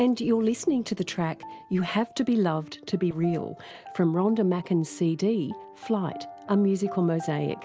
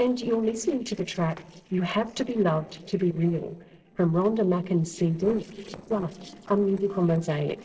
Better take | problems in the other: first | noise reduction (neural separator model SepFormer DNS4)

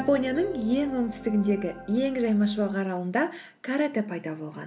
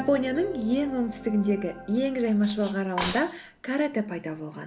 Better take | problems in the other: first | background sound (Cutlery, silverware); 12 dB below the speech

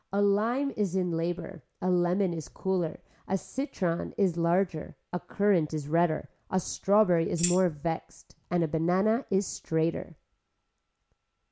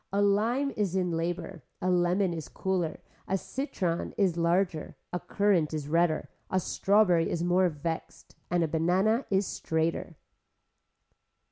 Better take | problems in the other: second | background sound (Tambourine); 7 dB below the speech

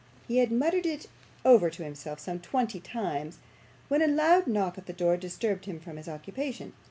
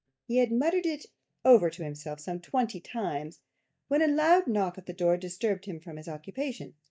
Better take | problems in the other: first | noise reduction (neural mask model DeepFilterNet 3)

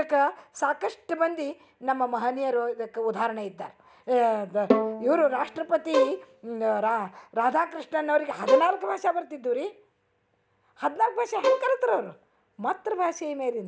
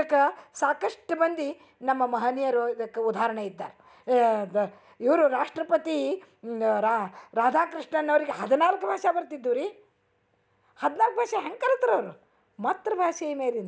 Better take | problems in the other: second | background sound (Bowed string instrument + Bowed string instrument); 2 dB below the speech

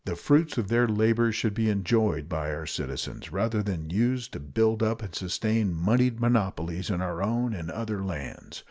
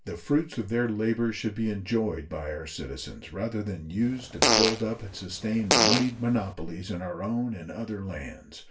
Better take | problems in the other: first | background sound (Fart); 3 dB above the speech // room echo; dies away in 0.2 s

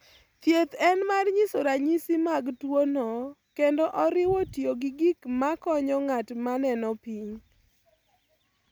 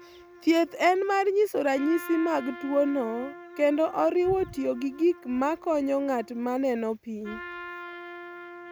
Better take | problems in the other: first | background sound (Trumpet); 17 dB below the speech

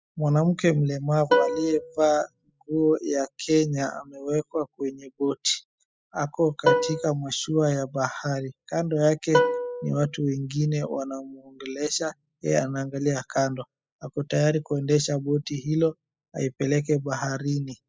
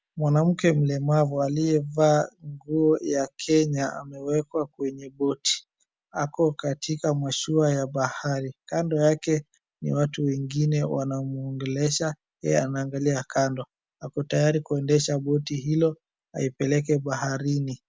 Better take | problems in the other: second | noise reduction (classical method spectral subtraction)

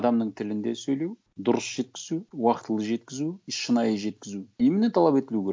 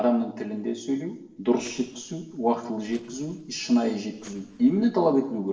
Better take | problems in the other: first | noise reduction (neural separator model SepFormer DNS4)

